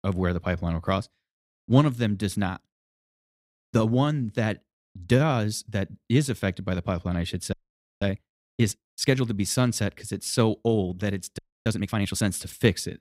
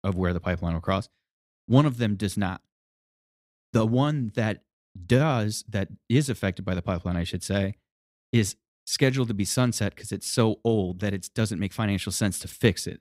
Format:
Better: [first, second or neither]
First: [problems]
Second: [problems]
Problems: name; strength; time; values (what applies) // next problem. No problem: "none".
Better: second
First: audio freezing; at 7.5 s and at 11 s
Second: none